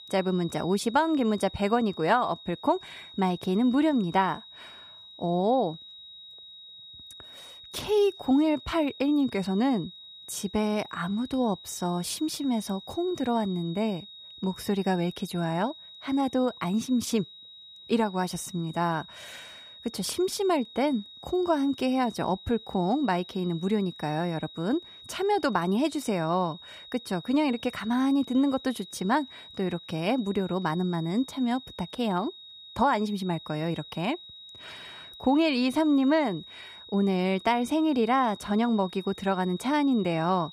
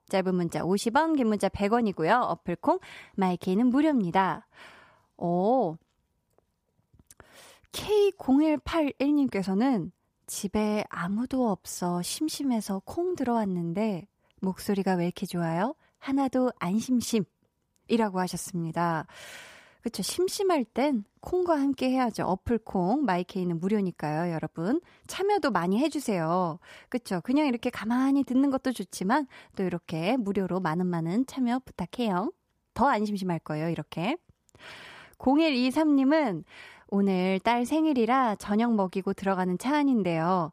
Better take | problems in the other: second | high-pitched whine; noticeable; throughout; 4 kHz, 15 dB below the speech

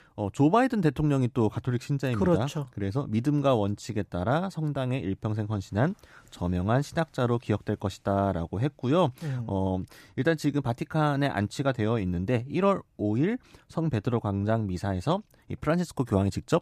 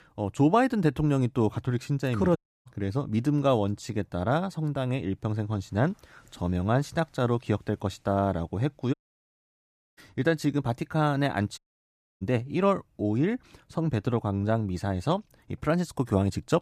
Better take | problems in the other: first | audio cutting out; at 2.5 s, at 9 s for 1 s and at 12 s for 0.5 s

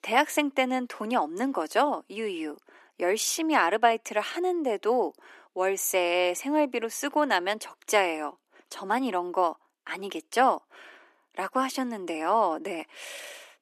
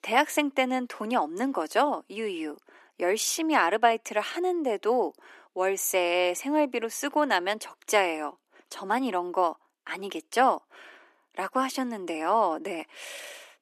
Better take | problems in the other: neither | thin; somewhat; fading below 300 Hz; the same in both

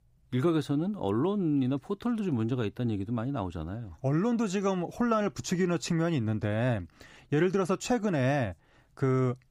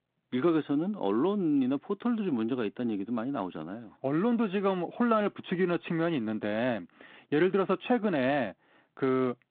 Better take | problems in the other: first | phone-call audio; nothing above 3.5 kHz

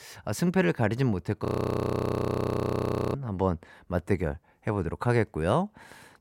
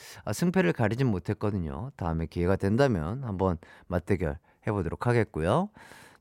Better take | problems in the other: second | audio freezing; at 1.5 s for 1.5 s

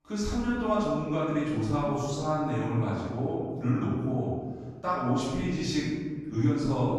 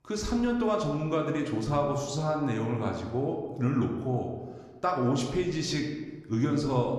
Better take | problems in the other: second | room echo; strong; dies away in 1.4 s; slight in the second // off-mic speech; far

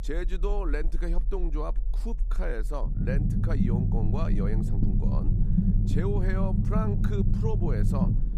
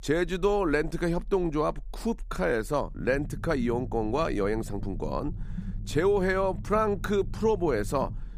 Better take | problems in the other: second | low rumble; loud; throughout; as loud as the speech; faint in the second

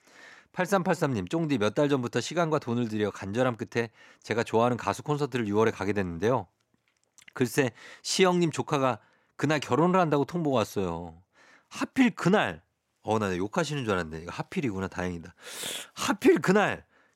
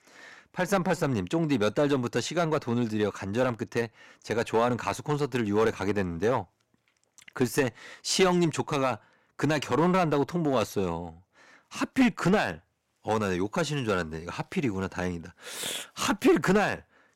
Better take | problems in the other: first | distortion; slight; 3% of the sound clipped

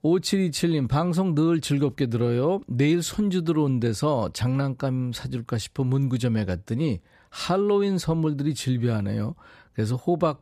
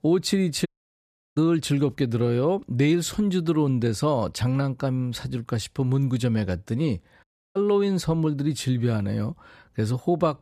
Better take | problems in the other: first | audio cutting out; at 0.5 s for 0.5 s and at 7 s

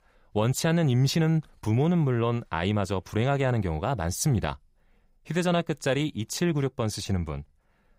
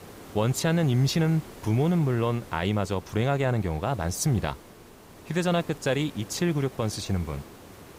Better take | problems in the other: first | hiss; noticeable; throughout; 20 dB below the speech

